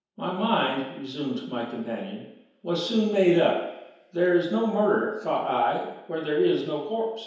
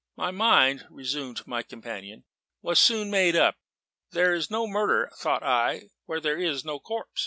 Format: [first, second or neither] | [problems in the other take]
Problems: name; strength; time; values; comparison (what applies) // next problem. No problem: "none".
second | room echo; dies away in 1 s